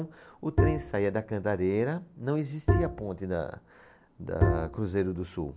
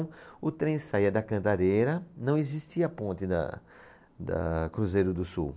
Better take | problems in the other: second | background sound (Bowed string instrument); 4 dB above the speech

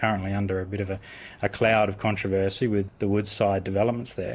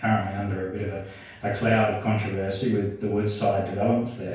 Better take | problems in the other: first | room echo; dies away in 0.5 s

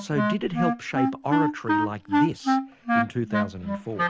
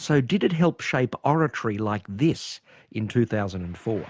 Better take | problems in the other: second | background sound (Wind instrument, woodwind instrument); 5 dB above the speech

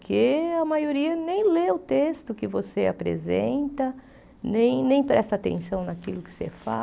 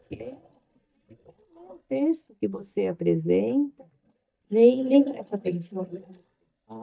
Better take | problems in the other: first | noise reduction (neural mask model DeepFilterNet 3)

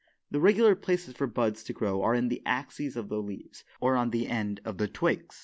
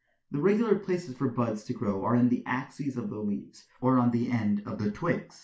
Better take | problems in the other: first | room echo; dies away in 0.3 s

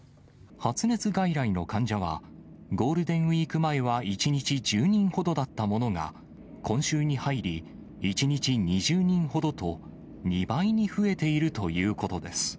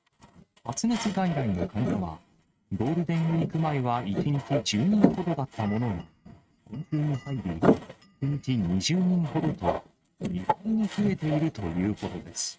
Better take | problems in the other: first | noise reduction (neural mask model RNNoise)

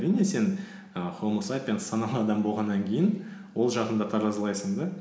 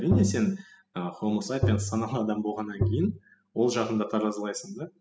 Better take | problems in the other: first | noise reduction (classical method spectral subtraction)

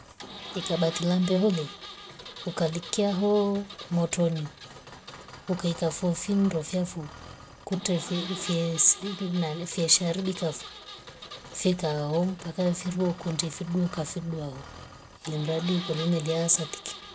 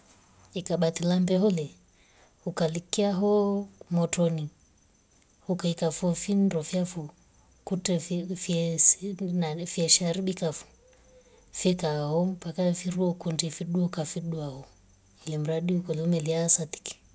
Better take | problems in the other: second | background sound (Engine); 14 dB below the speech

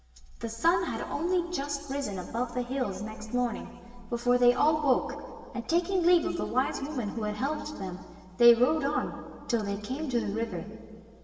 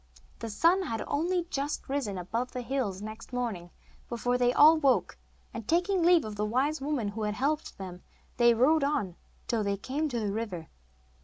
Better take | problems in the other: second | room echo; dies away in 1.9 s

